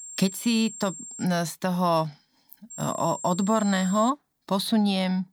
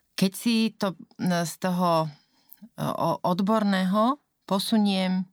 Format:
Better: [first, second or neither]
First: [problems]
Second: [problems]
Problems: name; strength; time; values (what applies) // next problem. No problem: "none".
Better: second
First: high-pitched whine; noticeable; until 1 s and from 2.5 to 4 s; 7.5 kHz, 10 dB below the speech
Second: none